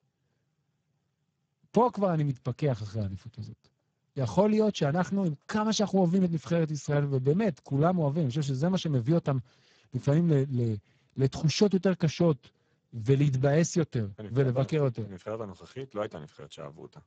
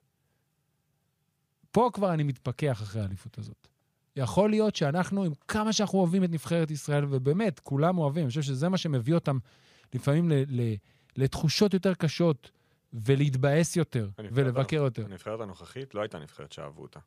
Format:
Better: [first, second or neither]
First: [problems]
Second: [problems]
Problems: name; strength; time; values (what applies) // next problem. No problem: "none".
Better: second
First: garbled, watery; badly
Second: none